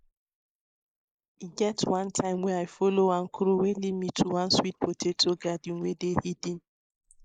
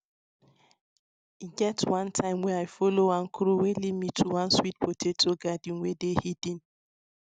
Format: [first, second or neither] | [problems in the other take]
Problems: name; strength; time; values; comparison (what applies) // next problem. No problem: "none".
second | noise reduction (neural mask model Resemble Enhance denoiser)